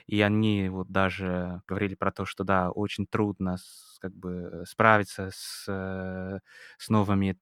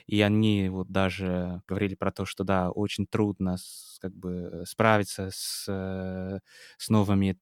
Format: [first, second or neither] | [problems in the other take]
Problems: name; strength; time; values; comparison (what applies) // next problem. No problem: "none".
second | muffled; very slightly; fading above 3.5 kHz